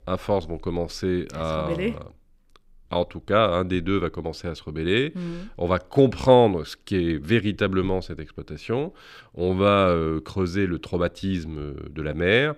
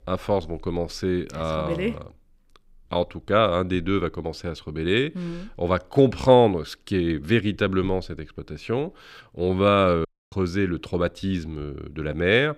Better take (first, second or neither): first